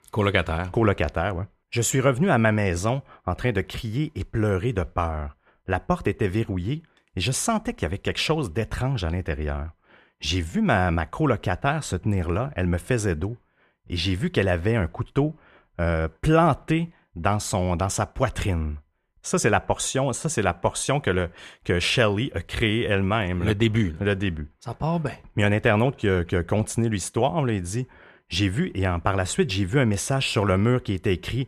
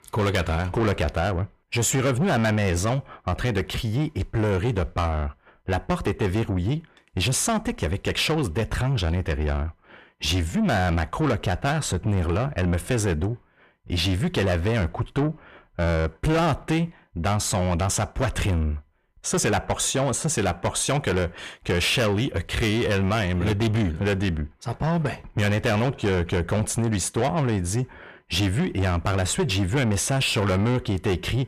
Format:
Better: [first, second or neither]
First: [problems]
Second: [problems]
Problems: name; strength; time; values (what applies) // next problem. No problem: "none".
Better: first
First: none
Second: distortion; heavy; 8 dB below the speech